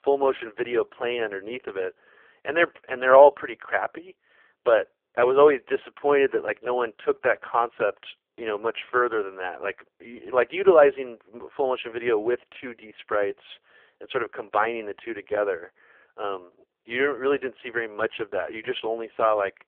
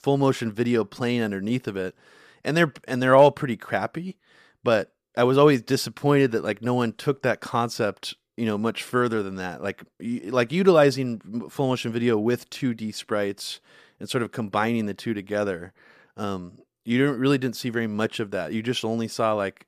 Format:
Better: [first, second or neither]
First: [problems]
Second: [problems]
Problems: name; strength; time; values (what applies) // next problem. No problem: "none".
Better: second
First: phone-call audio; poor line; nothing above 3.5 kHz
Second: none